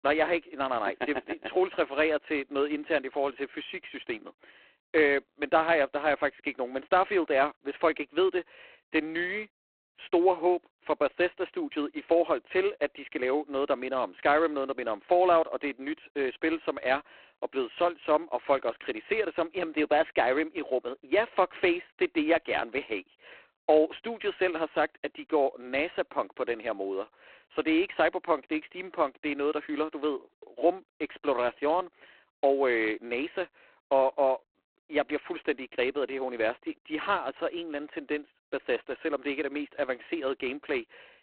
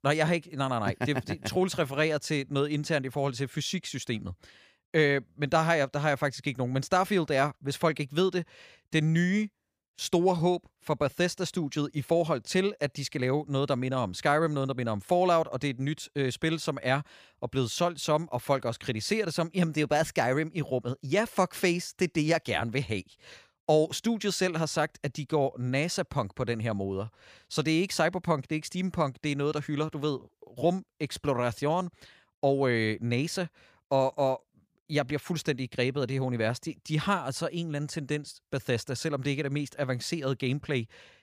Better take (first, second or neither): second